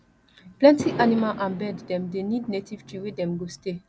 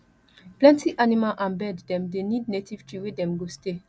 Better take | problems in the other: second | background sound (Fireworks); 11 dB below the speech

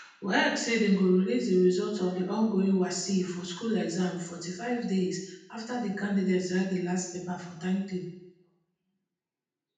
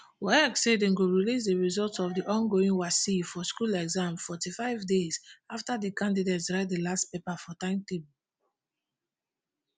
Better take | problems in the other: second | room echo; dies away in 0.8 s

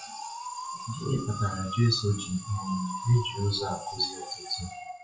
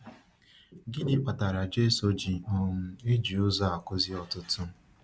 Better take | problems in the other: second | noise reduction (classical method WPE with log-MMSE)

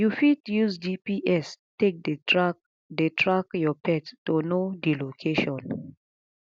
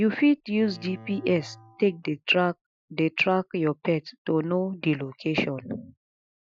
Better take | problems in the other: first | noise reduction (classical method Wiener filter)

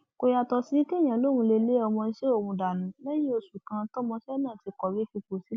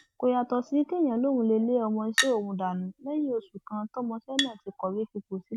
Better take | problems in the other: first | noise reduction (neural mask model RNNoise)

